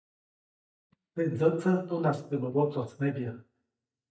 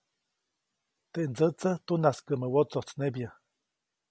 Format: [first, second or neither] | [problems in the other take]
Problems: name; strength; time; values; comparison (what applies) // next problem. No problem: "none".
second | noise reduction (neural mask model DeepFilterNet 3)